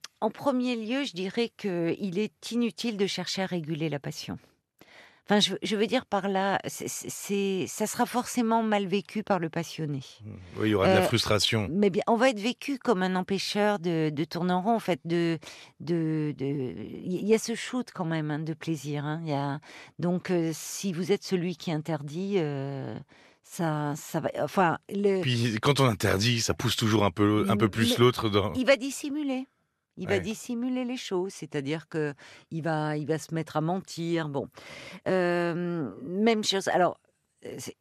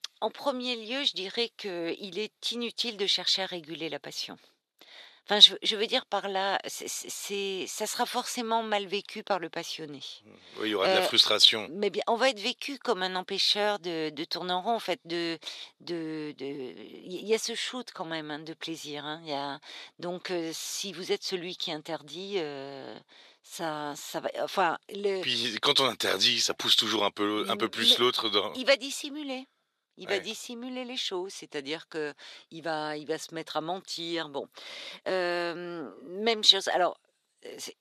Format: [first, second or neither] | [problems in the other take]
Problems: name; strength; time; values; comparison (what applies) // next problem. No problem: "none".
first | thin; somewhat; fading below 400 Hz